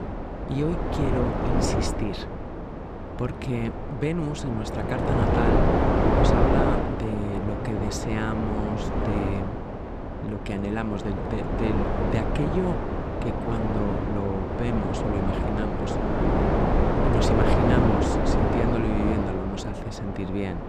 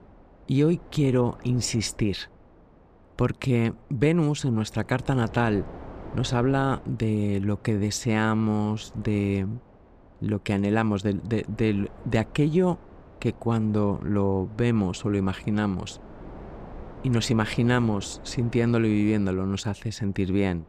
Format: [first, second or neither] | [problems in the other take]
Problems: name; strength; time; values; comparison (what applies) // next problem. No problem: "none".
second | wind noise on the microphone; heavy; 5 dB above the speech; occasional gusts in the second